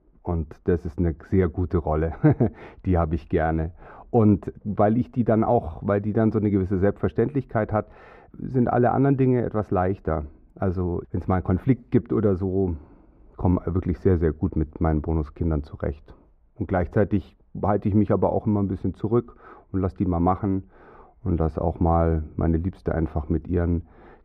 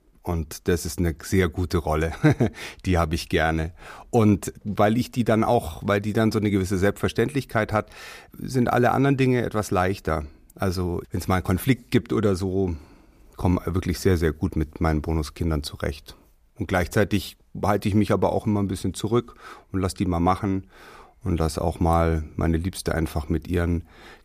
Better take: second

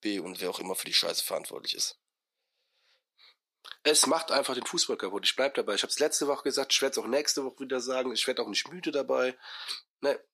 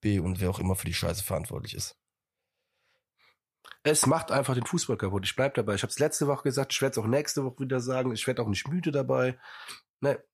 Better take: second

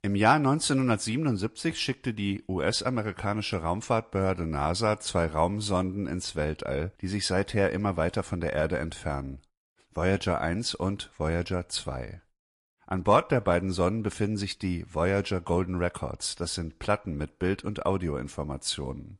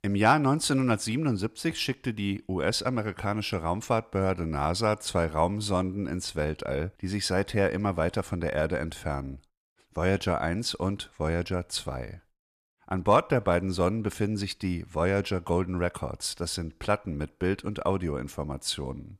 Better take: second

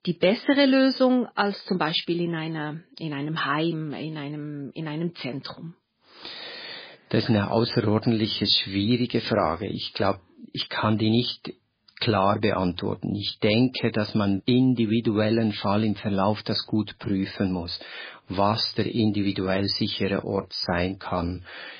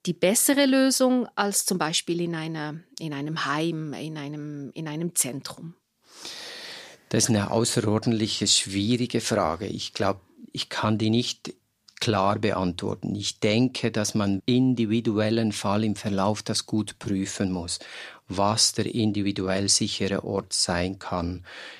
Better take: second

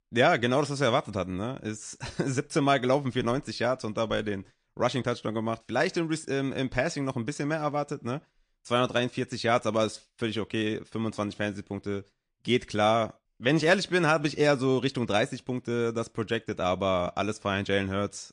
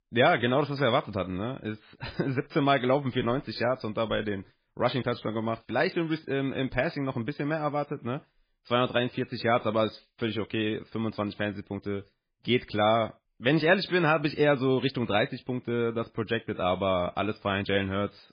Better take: first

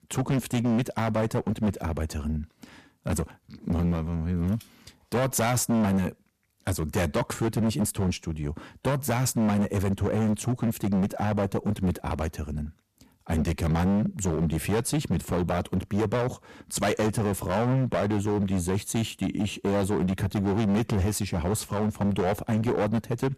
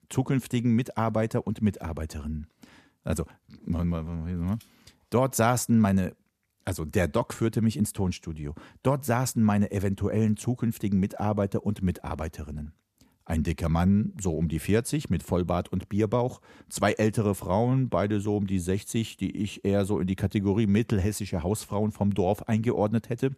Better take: second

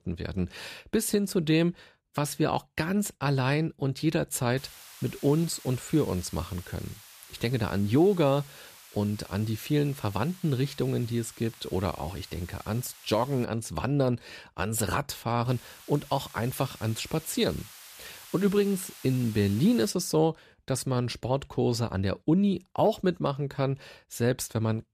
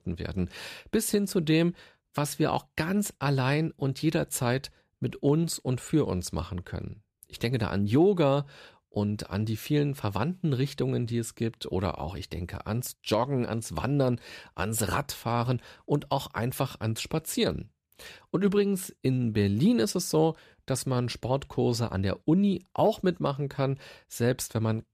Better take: second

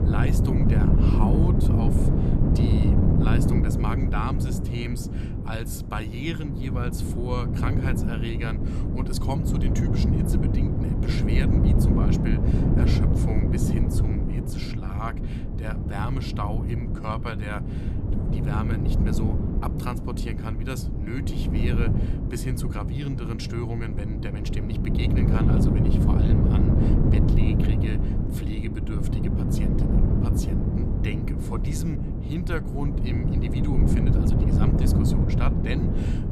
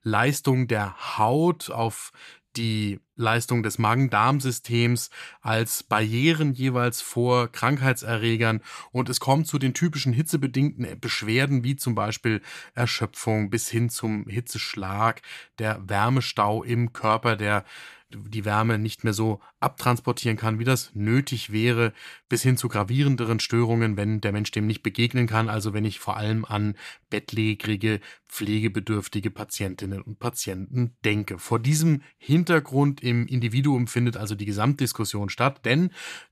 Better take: second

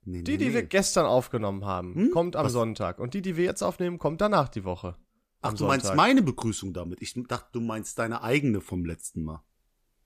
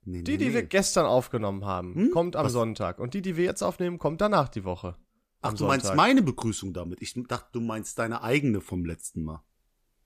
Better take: neither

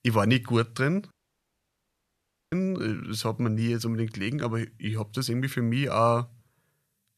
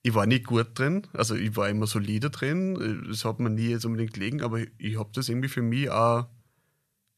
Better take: second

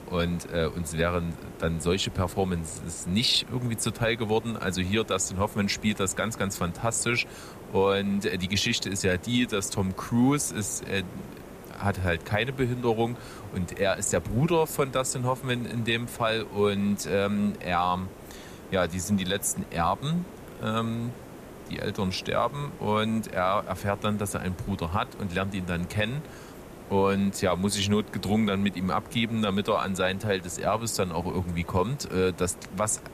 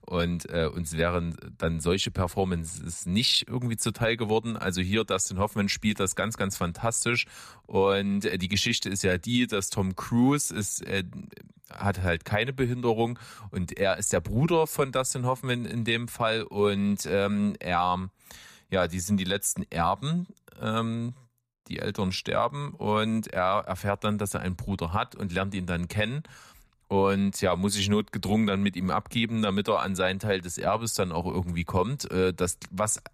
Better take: second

